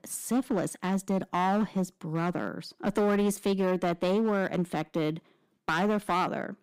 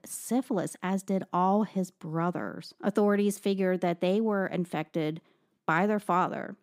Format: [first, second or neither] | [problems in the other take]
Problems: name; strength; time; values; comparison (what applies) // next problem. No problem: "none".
second | distortion; slight; 8% of the sound clipped